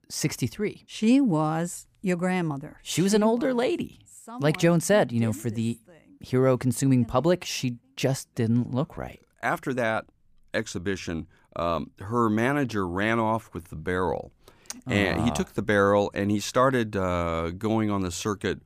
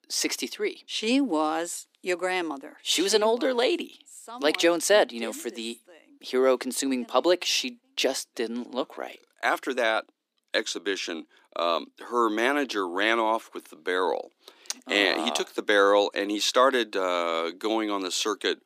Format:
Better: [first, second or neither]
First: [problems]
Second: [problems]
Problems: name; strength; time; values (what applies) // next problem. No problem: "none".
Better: first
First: none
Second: thin; somewhat; fading below 300 Hz